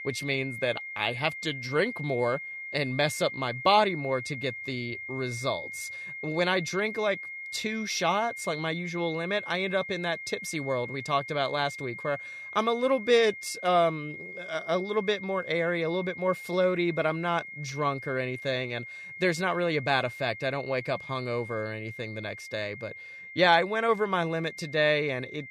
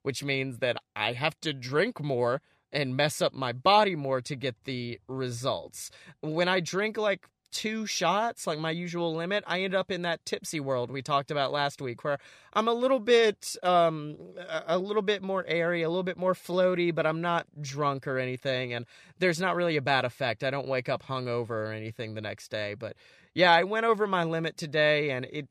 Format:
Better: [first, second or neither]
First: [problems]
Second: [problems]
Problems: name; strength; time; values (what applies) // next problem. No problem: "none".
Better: second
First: high-pitched whine; loud; throughout; 2 kHz, 10 dB below the speech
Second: none